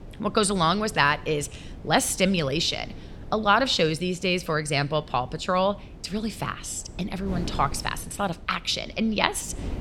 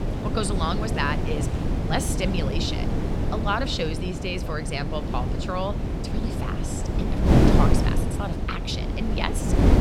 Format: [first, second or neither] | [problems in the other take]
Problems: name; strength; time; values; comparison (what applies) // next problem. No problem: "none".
first | wind noise on the microphone; heavy; 2 dB below the speech; occasional gusts in the first